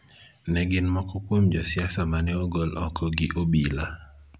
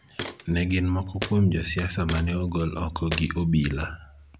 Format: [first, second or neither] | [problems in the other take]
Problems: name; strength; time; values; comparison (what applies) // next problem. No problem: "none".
first | background sound (Walk, footsteps); 14 dB below the speech